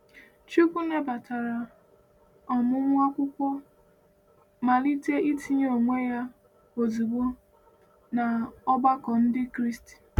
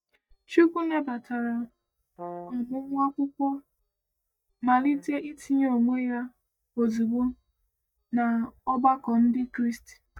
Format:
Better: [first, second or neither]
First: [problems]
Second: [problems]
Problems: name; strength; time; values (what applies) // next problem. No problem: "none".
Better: first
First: none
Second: noise reduction (neural mask model DeepFilterNet 3)